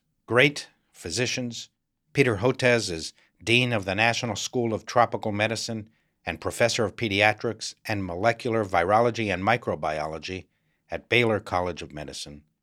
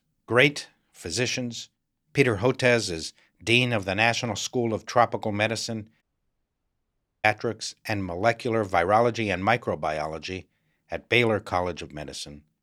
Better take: first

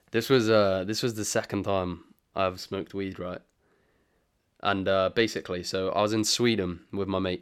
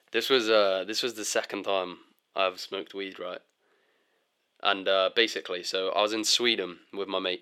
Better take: first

